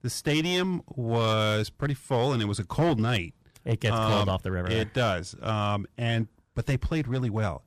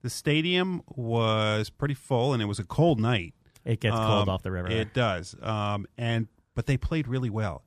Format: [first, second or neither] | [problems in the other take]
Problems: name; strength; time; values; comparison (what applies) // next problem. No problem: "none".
second | distortion; slight; 9% of the sound clipped